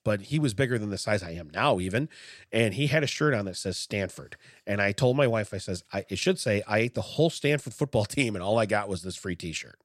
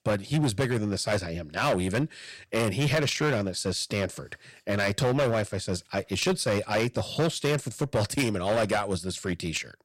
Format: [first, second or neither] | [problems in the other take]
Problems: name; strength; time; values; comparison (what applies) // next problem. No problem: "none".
first | distortion; heavy; 11% of the sound clipped